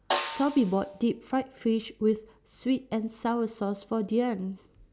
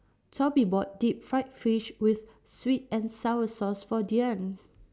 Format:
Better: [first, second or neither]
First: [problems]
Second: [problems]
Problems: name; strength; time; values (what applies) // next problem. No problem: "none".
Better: second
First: background sound (Snare drum); 9 dB below the speech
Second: none